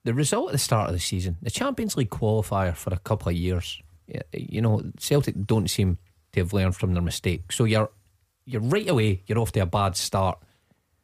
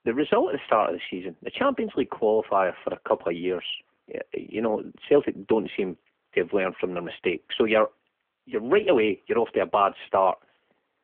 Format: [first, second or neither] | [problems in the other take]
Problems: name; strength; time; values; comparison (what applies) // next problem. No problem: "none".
first | phone-call audio; nothing above 3.5 kHz